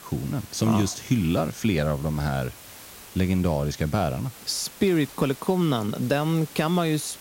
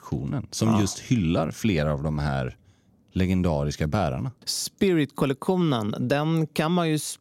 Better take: second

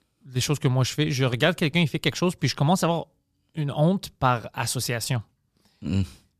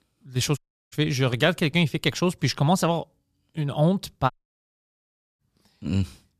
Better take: first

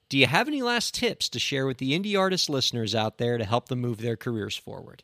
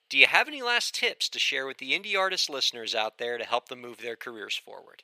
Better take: first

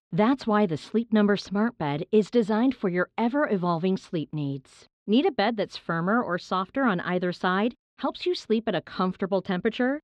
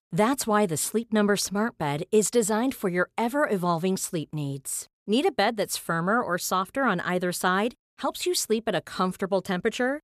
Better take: second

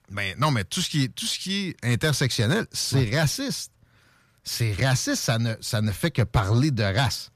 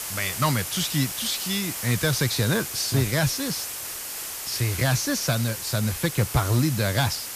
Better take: first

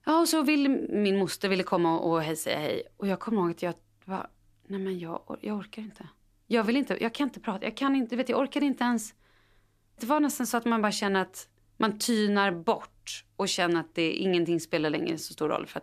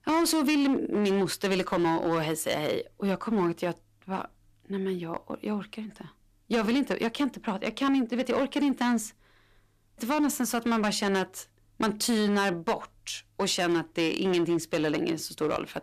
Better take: first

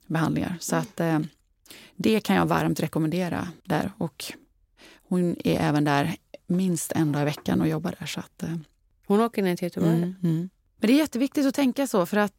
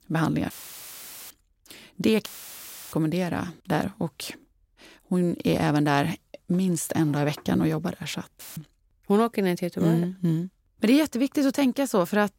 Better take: first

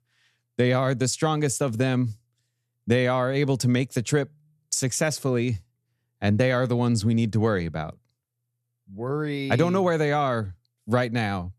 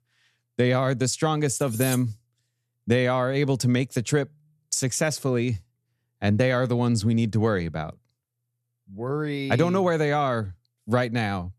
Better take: first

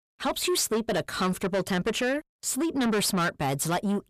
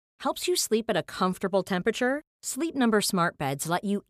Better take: second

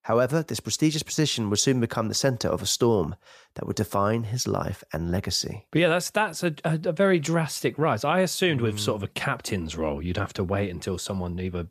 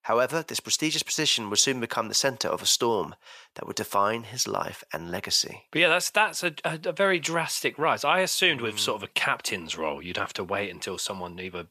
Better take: first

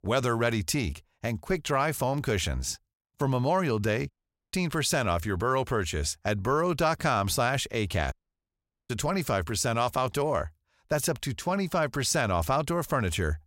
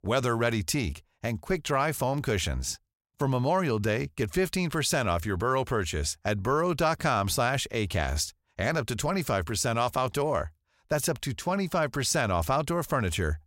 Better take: second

